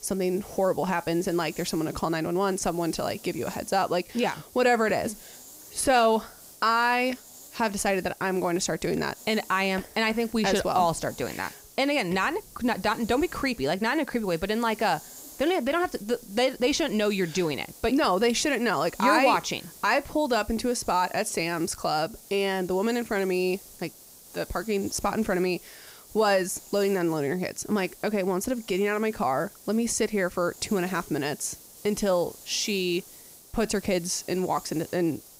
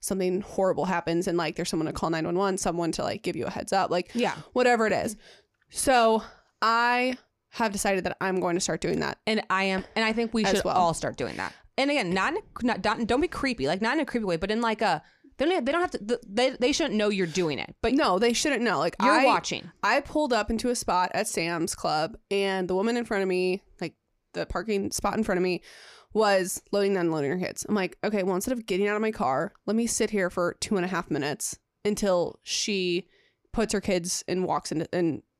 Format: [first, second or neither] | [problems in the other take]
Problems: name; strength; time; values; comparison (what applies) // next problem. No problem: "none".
second | hiss; noticeable; throughout; 20 dB below the speech